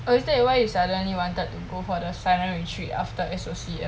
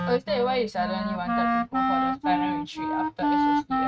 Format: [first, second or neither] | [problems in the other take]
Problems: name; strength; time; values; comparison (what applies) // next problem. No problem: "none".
first | noise reduction (neural mask model RNNoise)